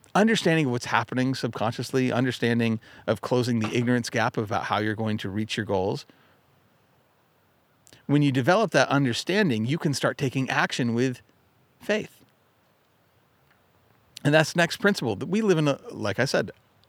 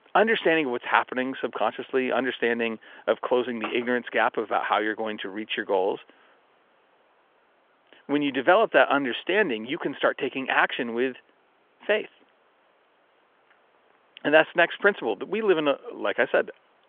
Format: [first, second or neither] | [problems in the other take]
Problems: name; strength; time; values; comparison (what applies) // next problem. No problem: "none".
first | phone-call audio; nothing above 3.5 kHz